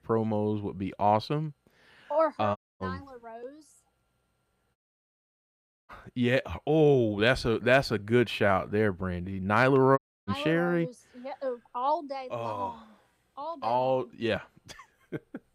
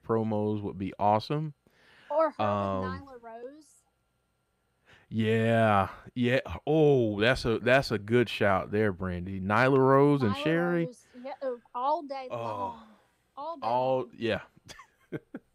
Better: second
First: audio cutting out; at 2.5 s, at 5 s for 1 s and at 10 s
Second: none

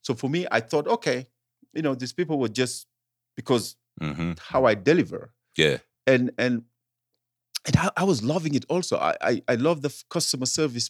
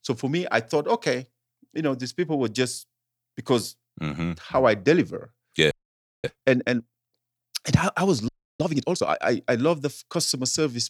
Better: first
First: none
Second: audio freezing; at 5.5 s for 0.5 s and at 8.5 s

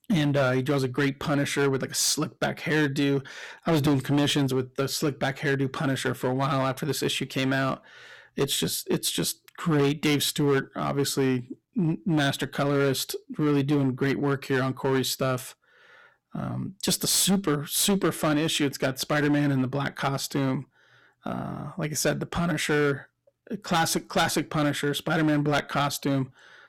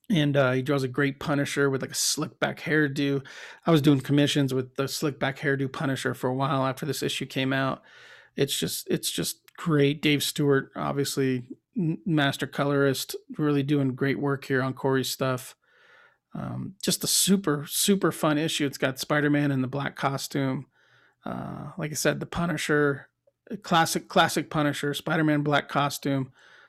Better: second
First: distortion; slight; 7% of the sound clipped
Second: none

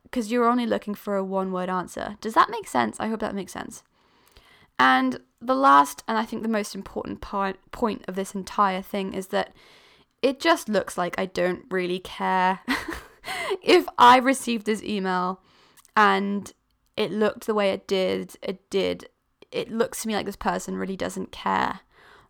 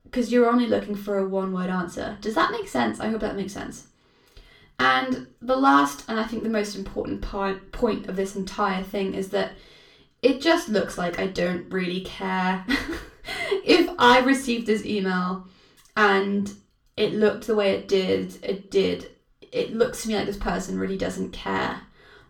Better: first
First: none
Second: room echo; slight; dies away in 0.3 s // off-mic speech; far

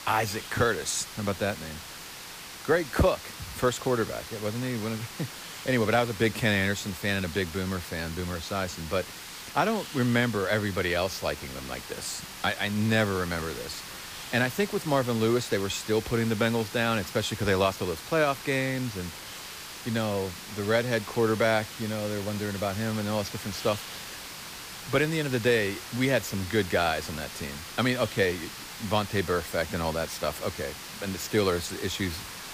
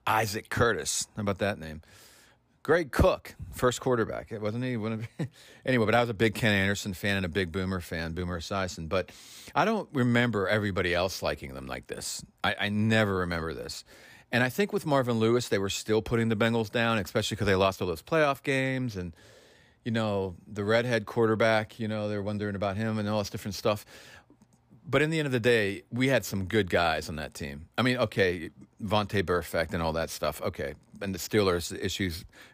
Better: second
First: hiss; noticeable; throughout; 10 dB below the speech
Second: none

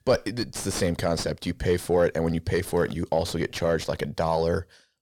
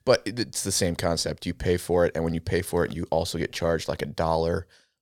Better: second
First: distortion; slight; 9 dB below the speech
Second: none

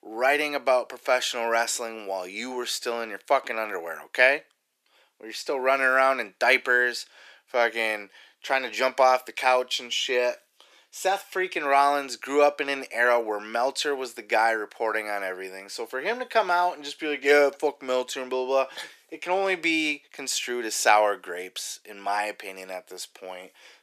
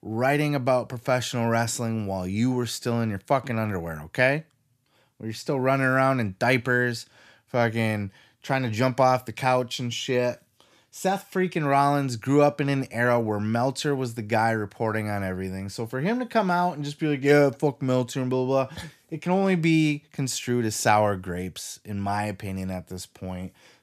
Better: second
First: thin; very; fading below 400 Hz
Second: none

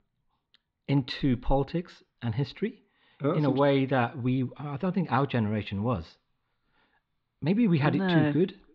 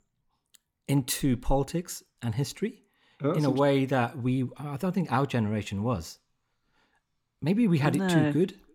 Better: second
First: muffled; slightly; fading above 4 kHz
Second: none

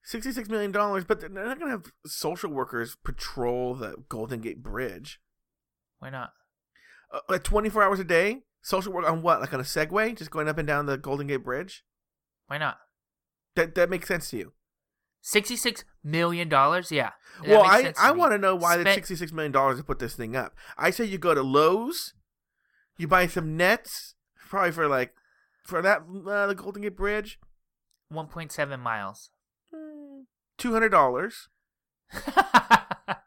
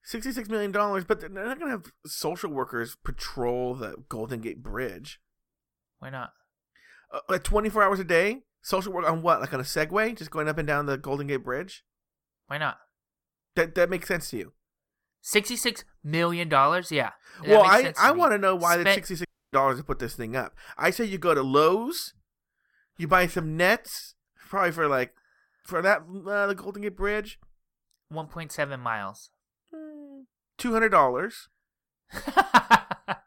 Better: first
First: none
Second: audio cutting out; at 19 s

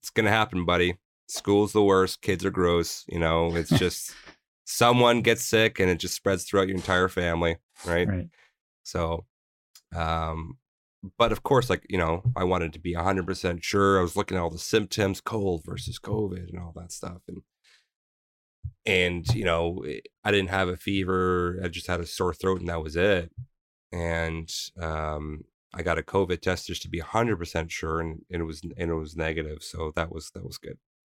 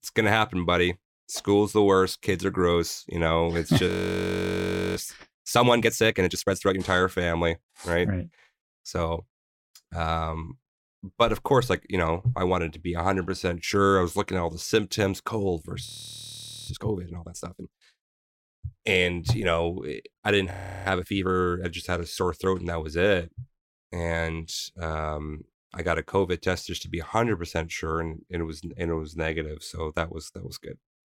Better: first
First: none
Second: audio freezing; at 4 s for 1 s, at 16 s for 1 s and at 21 s

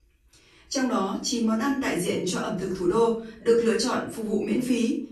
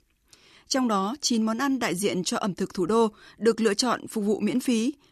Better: second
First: room echo; slight; dies away in 0.4 s // off-mic speech; far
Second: none

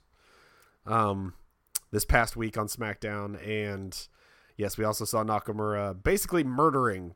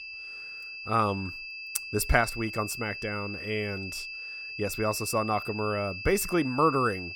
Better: first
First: none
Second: high-pitched whine; loud; throughout; 2.5 kHz, 8 dB below the speech

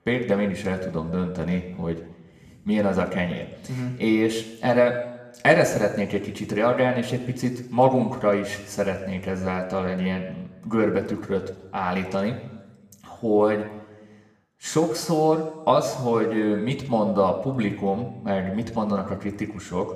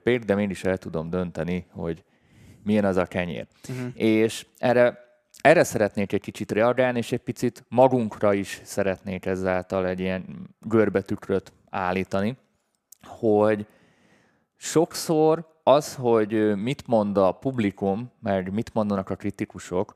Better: second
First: room echo; slight; dies away in 1 s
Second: none

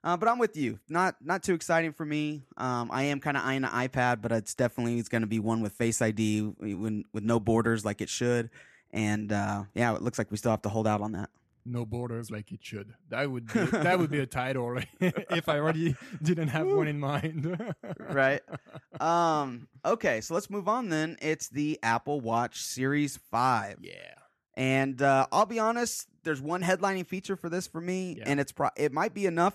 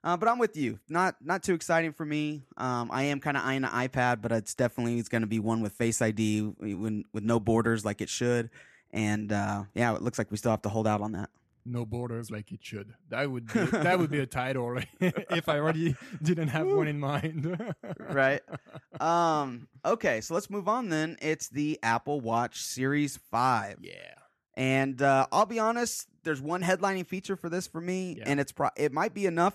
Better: neither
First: none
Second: none

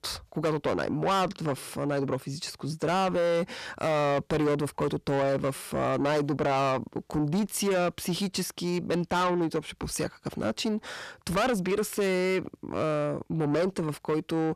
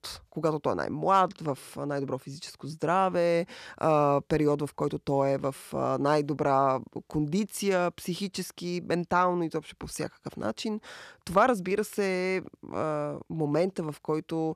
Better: second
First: distortion; heavy; 6 dB below the speech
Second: none

